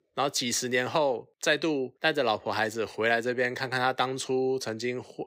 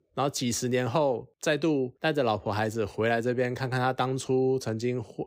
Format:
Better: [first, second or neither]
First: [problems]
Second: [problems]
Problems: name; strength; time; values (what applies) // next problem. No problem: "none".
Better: second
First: thin; very slightly; fading below 800 Hz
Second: none